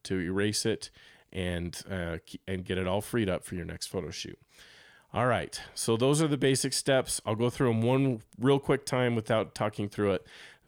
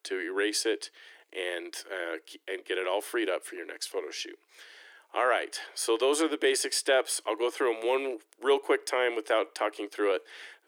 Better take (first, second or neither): first